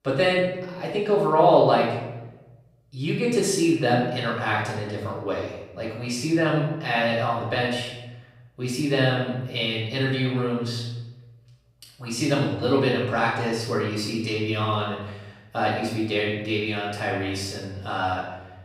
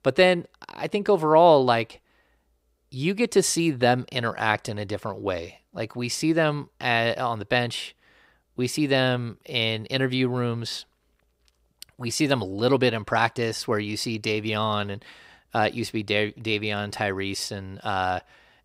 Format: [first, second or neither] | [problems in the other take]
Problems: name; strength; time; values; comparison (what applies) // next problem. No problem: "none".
second | room echo; noticeable; dies away in 0.9 s // off-mic speech; far